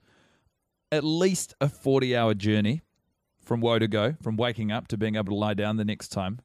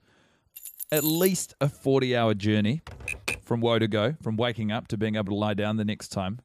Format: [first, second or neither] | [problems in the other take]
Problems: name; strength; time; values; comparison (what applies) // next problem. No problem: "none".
first | jangling keys; noticeable; at 0.5 s; peak 2 dB below the speech // keyboard typing; noticeable; at 3 s; peak 4 dB below the speech